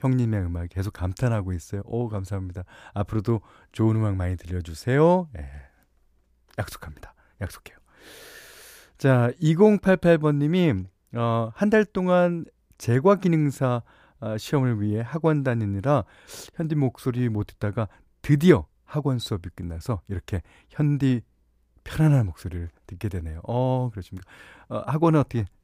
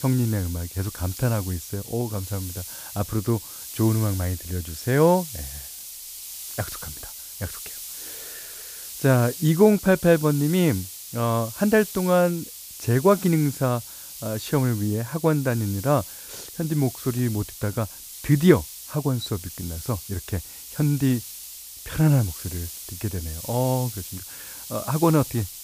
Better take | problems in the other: first | hiss; noticeable; throughout; 10 dB below the speech

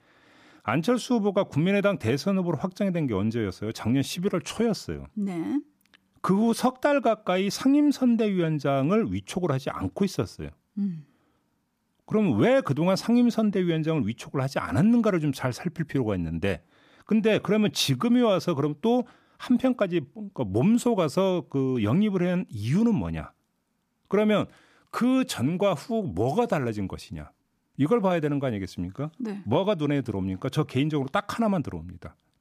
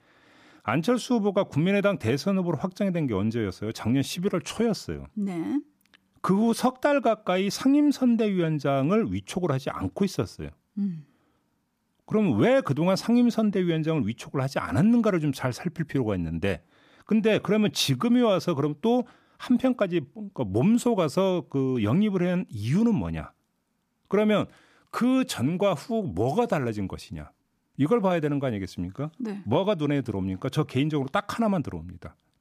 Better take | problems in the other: neither | none

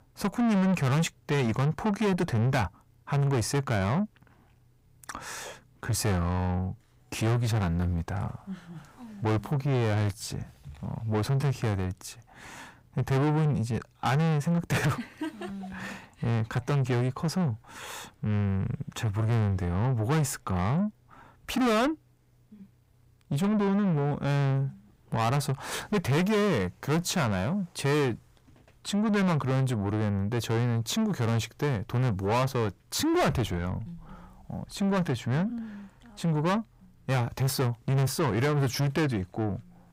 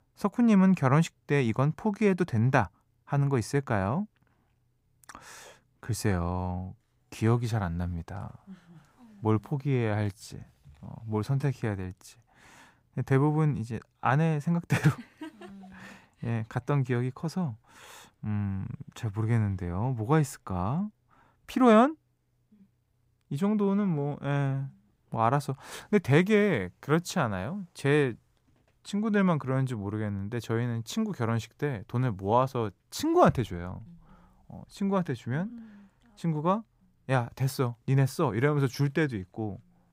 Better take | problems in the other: second | distortion; heavy; 6 dB below the speech

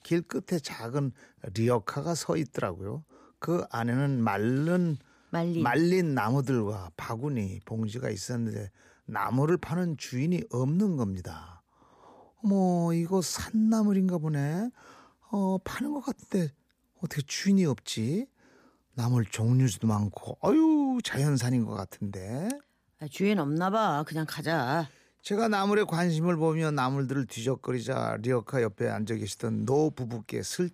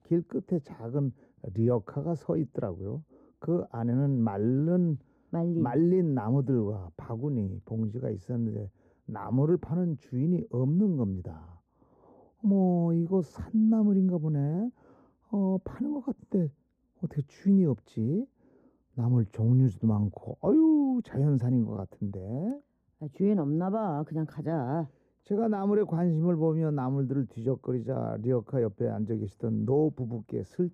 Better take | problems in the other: first | muffled; very; fading above 1 kHz

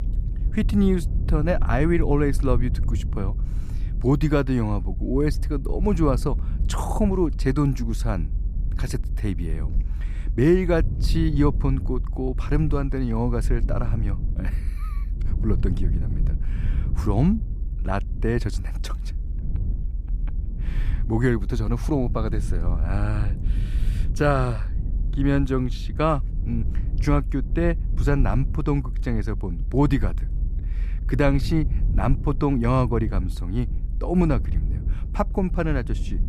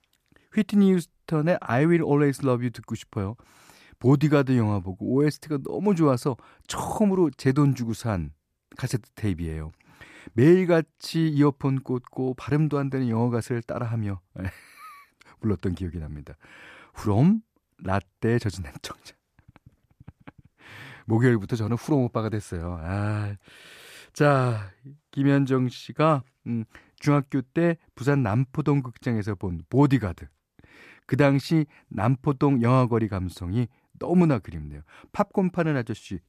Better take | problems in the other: second | low rumble; noticeable; throughout; 15 dB below the speech

